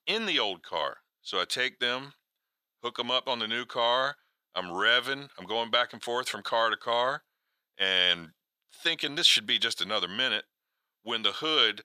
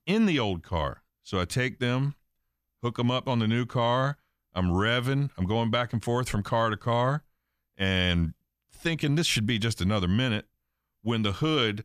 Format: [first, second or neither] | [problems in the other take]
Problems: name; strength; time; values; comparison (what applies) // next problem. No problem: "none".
second | thin; very; fading below 550 Hz